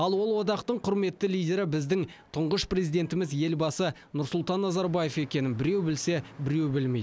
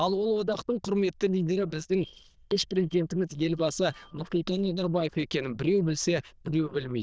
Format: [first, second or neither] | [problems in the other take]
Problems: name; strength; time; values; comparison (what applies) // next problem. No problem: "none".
first | noise reduction (neural diffusion model UNIVERSE++)